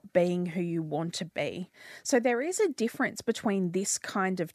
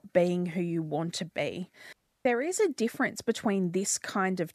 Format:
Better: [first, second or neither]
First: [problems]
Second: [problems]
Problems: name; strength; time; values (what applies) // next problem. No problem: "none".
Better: first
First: none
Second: audio cutting out; at 2 s